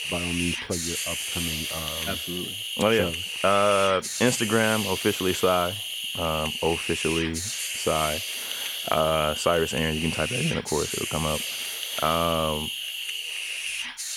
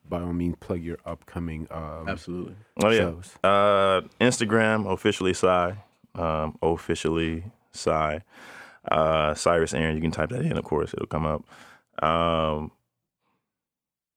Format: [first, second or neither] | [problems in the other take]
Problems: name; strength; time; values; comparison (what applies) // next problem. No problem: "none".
second | hiss; loud; throughout; 2 dB below the speech